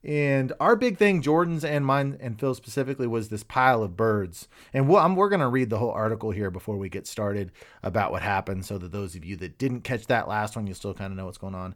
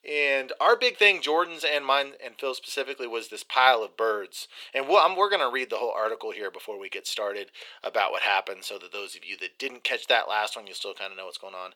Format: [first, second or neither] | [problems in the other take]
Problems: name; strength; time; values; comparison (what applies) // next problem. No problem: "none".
first | thin; very; fading below 450 Hz